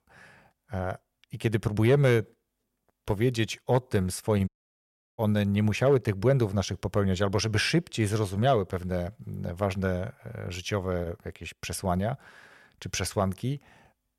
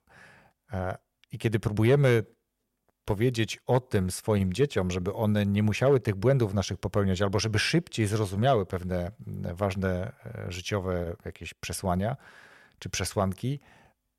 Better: second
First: audio cutting out; at 4.5 s for 0.5 s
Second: none

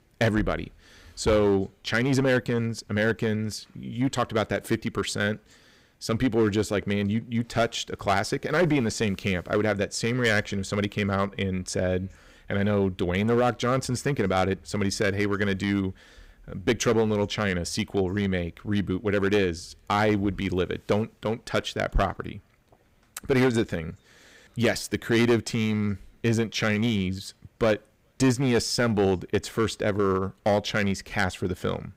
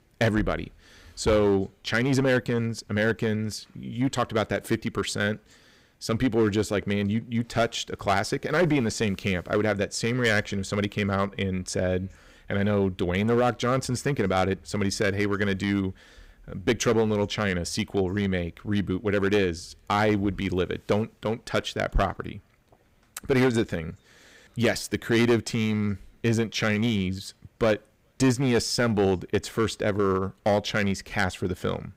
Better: neither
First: distortion; slight; 5% of the sound clipped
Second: distortion; slight; 5% of the sound clipped

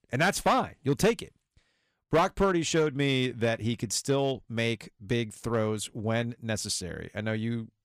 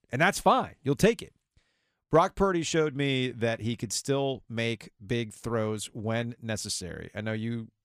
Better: second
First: distortion; slight; 3% of the sound clipped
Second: none

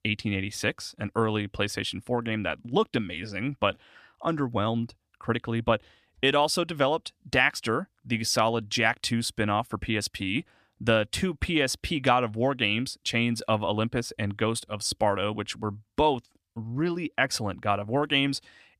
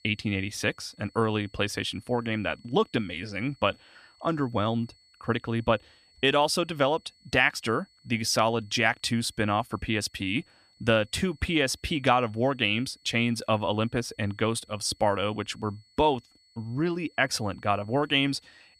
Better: first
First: none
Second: high-pitched whine; faint; throughout; 4.5 kHz, 30 dB below the speech

